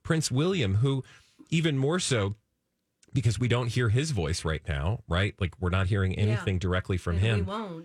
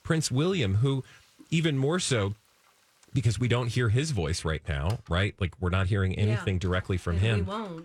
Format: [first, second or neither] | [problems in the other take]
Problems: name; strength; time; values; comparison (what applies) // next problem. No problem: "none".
first | household noises; faint; throughout; 30 dB below the speech